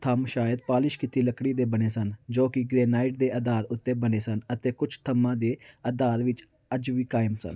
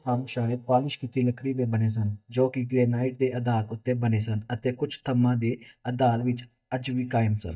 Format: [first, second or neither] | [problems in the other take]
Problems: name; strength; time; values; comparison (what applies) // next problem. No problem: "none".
first | noise reduction (neural mask model DeepFilterNet 3)